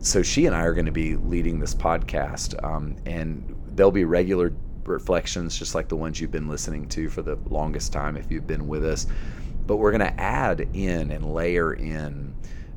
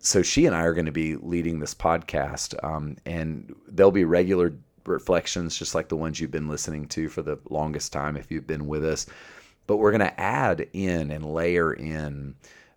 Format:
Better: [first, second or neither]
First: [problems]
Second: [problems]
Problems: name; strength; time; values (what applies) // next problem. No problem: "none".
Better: second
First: low rumble; faint; throughout; 20 dB below the speech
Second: none